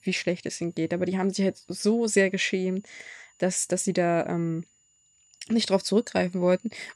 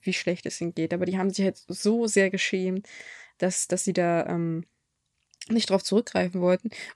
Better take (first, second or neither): second